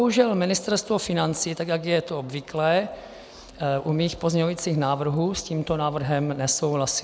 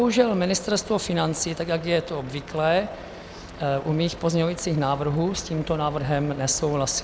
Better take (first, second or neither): first